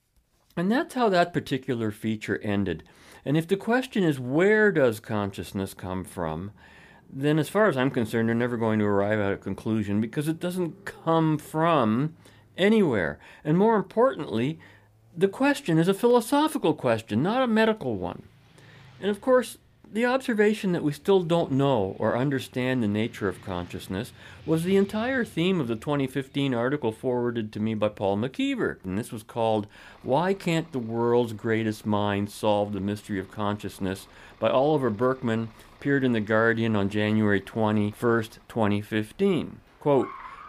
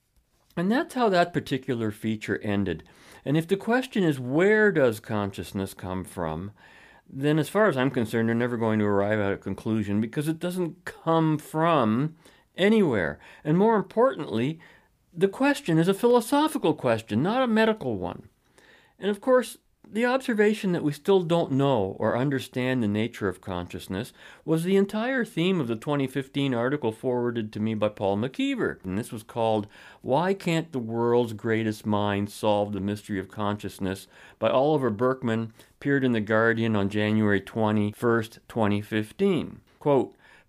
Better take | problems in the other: second | traffic noise; faint; throughout; 30 dB below the speech

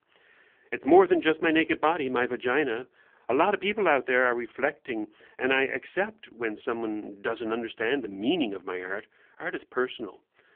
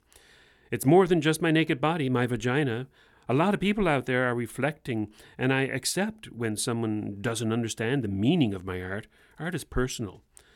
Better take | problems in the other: second | phone-call audio; poor line; nothing above 3 kHz

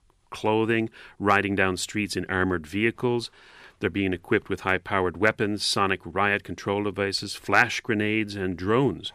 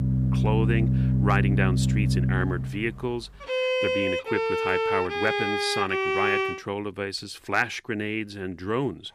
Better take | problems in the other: first | background music; very loud; until 6.5 s; 4 dB above the speech

